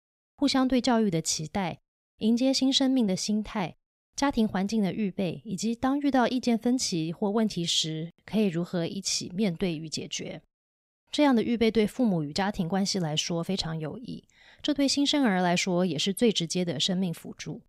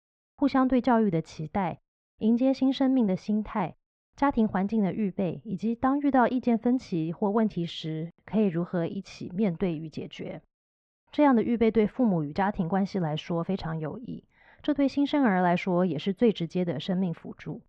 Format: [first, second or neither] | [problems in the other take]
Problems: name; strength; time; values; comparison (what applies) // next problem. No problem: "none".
first | muffled; very; fading above 1.5 kHz